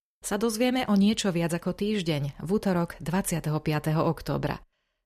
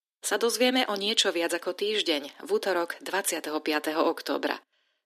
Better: first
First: none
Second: thin; somewhat; fading below 250 Hz

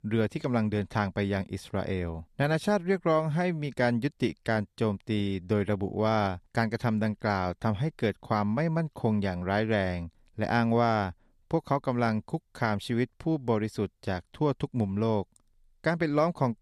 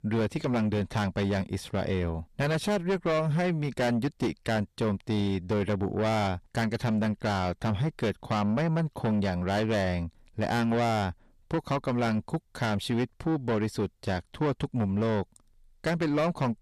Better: first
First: none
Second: distortion; heavy; 8 dB below the speech

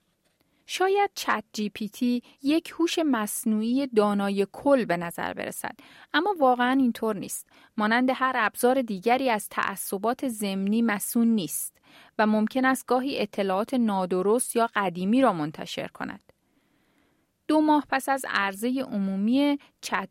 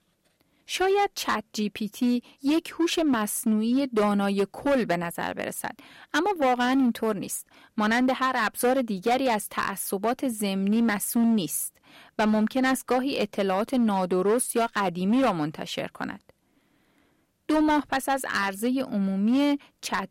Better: first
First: none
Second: distortion; slight; 8% of the sound clipped

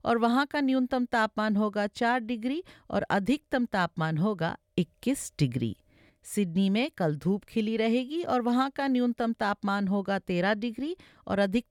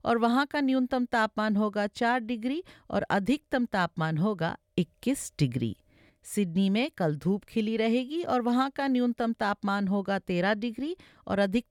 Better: neither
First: none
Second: none

